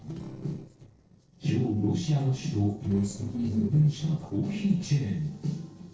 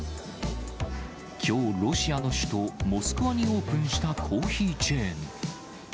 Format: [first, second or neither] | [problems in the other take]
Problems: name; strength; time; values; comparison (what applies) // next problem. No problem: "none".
second | noise reduction (neural separator model SepFormer DNS4)